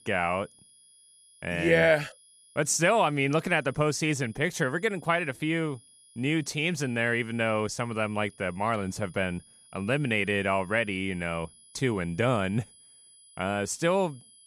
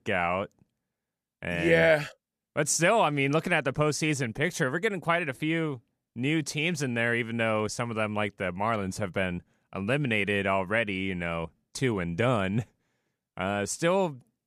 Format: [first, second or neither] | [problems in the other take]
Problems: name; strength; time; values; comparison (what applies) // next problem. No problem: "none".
second | high-pitched whine; faint; throughout; 10.5 kHz, 25 dB below the speech